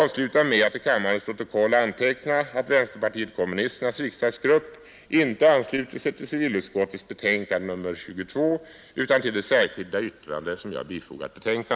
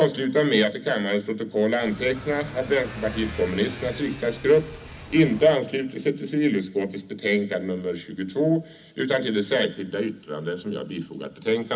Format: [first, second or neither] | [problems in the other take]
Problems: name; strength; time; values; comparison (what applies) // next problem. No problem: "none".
first | background sound (Motorcycle / Accelerating, revving, vroom); 14 dB below the speech // room echo; dies away in 0.4 s